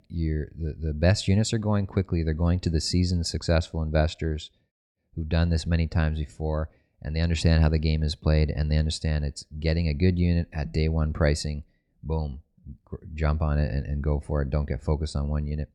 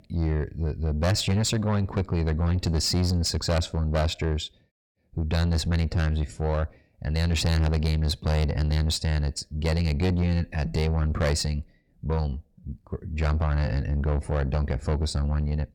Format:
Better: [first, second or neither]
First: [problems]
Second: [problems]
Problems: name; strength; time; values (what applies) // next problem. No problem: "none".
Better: first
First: none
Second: distortion; heavy; 7 dB below the speech